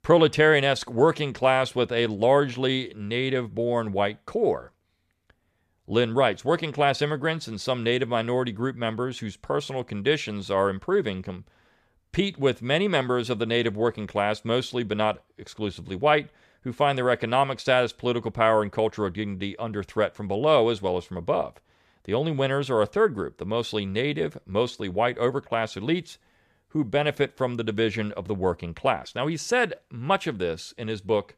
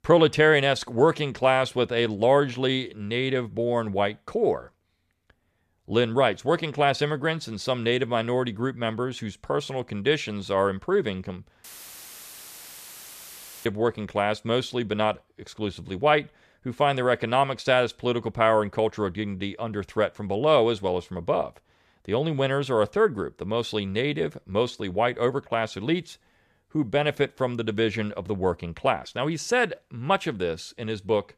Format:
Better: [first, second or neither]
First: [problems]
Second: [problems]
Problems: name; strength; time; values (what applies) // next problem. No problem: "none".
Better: first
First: none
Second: audio cutting out; filled with static; at 12 s for 2 s